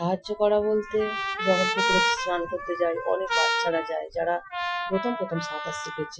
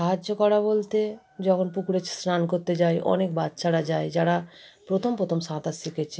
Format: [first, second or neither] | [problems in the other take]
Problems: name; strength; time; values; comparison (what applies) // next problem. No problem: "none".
second | noise reduction (classical method Wiener filter)